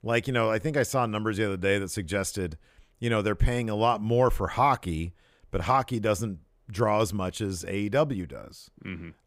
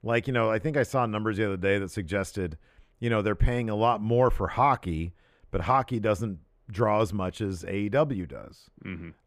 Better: first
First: none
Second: muffled; slightly; fading above 3.5 kHz

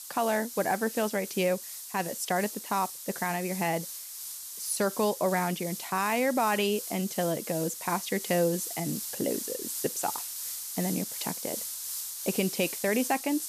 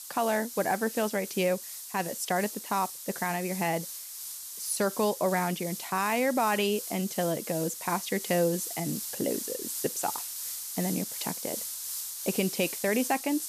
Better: neither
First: hiss; loud; throughout; 5 dB below the speech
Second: hiss; loud; throughout; 5 dB below the speech

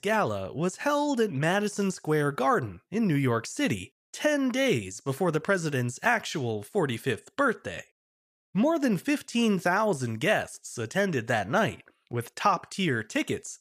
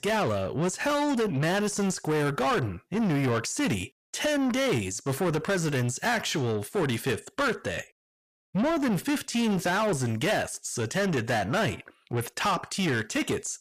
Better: first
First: none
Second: distortion; heavy; 8 dB below the speech

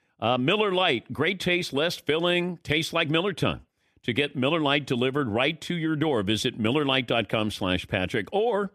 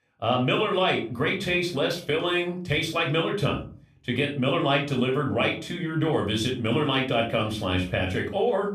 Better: first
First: none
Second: room echo; slight; dies away in 0.3 s // off-mic speech; somewhat distant

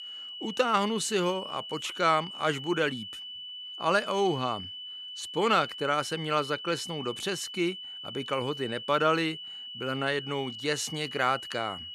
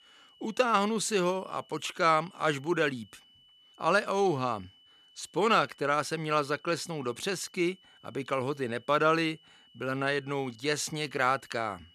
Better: second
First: high-pitched whine; loud; throughout; 3 kHz, 9 dB below the speech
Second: high-pitched whine; faint; throughout; 3 kHz, 30 dB below the speech

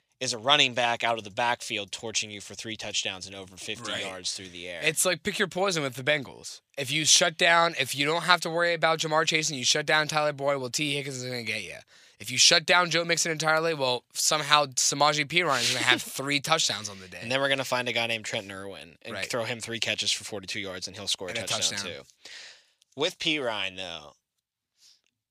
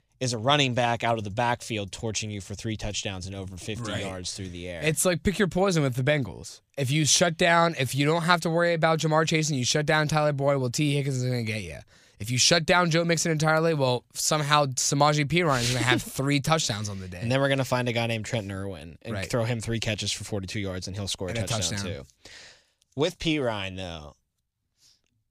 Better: second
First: thin; somewhat; fading below 1 kHz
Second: none

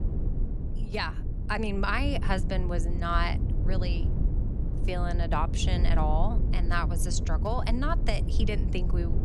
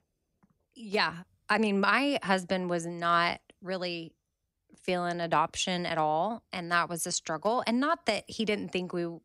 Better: second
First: low rumble; noticeable; throughout; 10 dB below the speech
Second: none

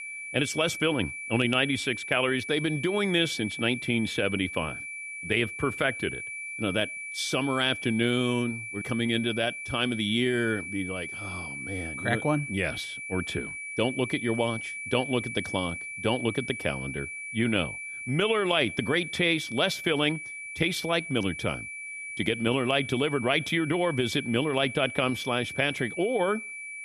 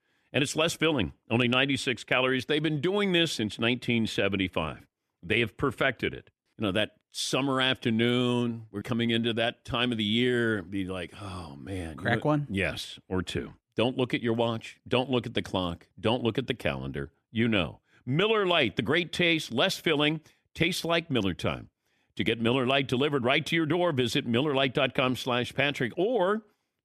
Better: second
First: high-pitched whine; loud; throughout; 2.5 kHz, 8 dB below the speech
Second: none

